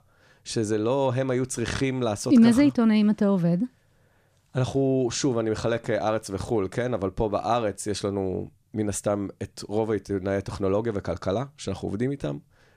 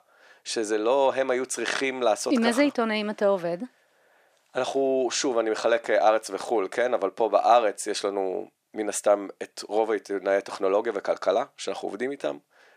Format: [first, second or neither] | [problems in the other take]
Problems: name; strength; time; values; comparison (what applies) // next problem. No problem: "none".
first | thin; somewhat; fading below 350 Hz